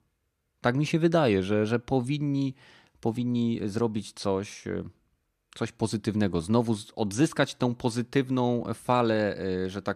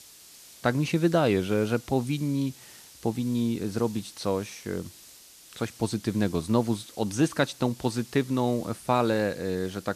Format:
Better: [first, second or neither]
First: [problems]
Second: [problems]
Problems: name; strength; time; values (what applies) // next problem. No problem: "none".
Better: first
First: none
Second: hiss; noticeable; throughout; 20 dB below the speech